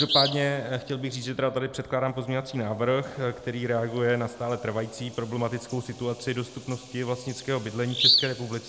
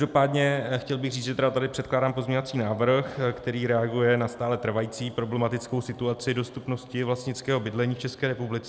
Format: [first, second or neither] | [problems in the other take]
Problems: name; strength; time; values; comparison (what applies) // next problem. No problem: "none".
second | background sound (Bird vocalization, bird call, bird song); 4 dB below the speech